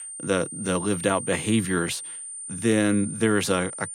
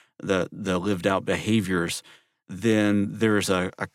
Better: second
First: high-pitched whine; loud; throughout; 9 kHz, 9 dB below the speech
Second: none

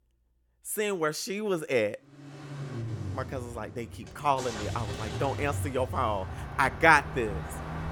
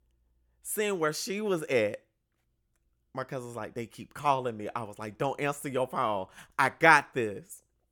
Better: second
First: traffic noise; loud; from 2.5 s on; 9 dB below the speech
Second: none

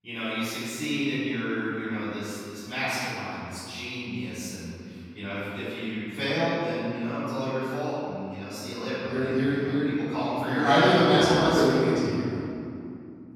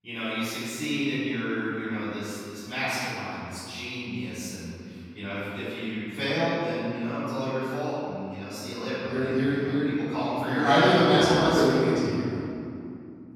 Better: neither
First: off-mic speech; far // room echo; strong; dies away in 2.5 s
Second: off-mic speech; far // room echo; strong; dies away in 2.5 s

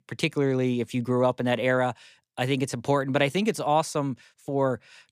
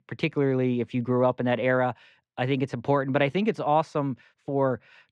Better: first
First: none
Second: muffled; slightly; fading above 2.5 kHz

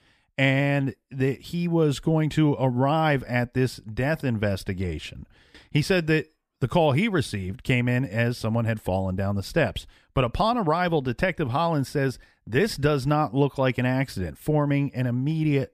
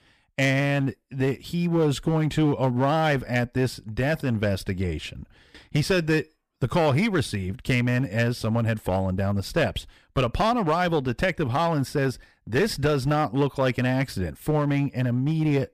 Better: first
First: none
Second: distortion; slight; 6% of the sound clipped

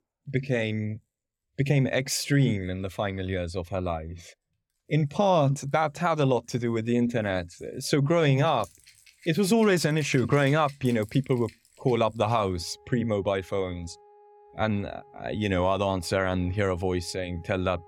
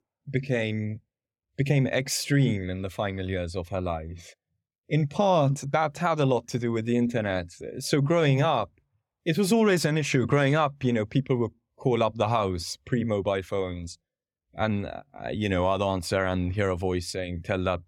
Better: second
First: background music; faint; throughout; 25 dB below the speech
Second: none

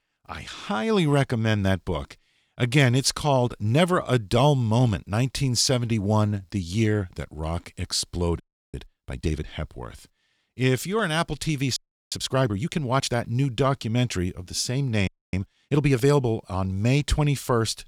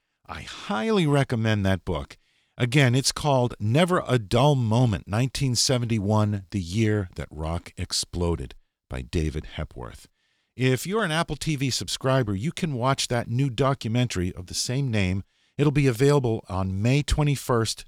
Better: second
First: audio freezing; at 8.5 s, at 12 s and at 15 s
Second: none

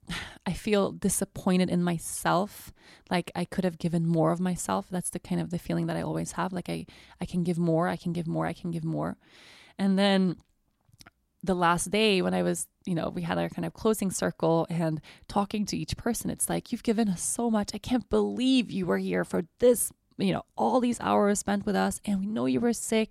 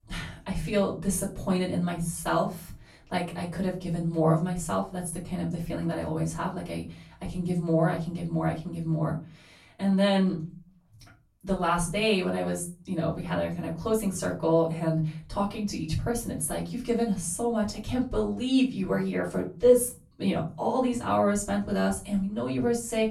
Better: first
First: none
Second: off-mic speech; far // room echo; slight; dies away in 0.4 s

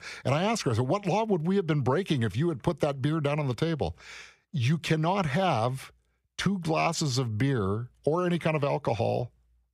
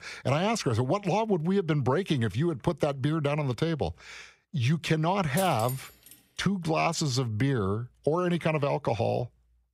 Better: first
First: none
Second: clattering dishes; noticeable; at 5.5 s; peak 9 dB below the speech

